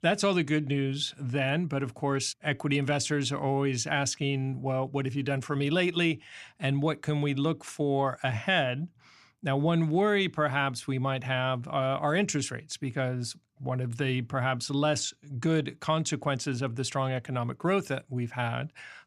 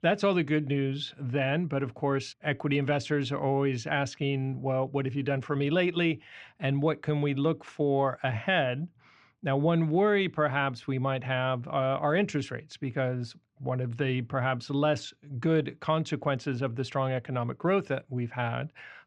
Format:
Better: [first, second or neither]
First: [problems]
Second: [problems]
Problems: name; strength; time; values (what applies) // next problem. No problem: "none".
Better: first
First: none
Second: muffled; slightly; fading above 3 kHz